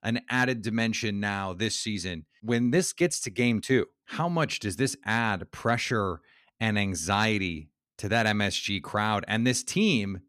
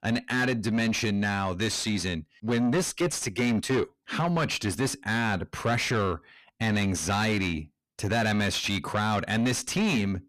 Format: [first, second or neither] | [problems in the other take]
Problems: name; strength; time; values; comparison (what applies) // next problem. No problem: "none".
first | distortion; heavy; 7 dB below the speech